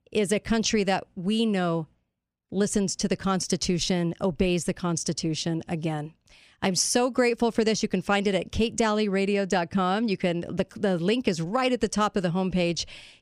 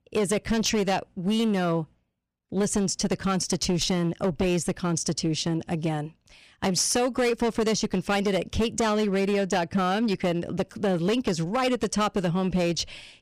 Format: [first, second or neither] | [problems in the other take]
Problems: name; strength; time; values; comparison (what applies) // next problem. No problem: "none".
first | distortion; slight; 10% of the sound clipped